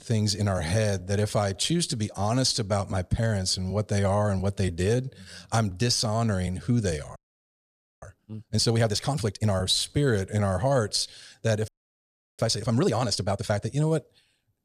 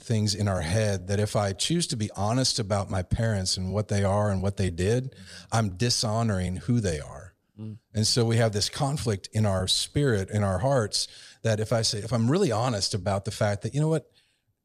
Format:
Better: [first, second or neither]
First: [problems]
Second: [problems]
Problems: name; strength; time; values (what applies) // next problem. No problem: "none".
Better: second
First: audio freezing; at 7 s for 1 s and at 12 s for 0.5 s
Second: none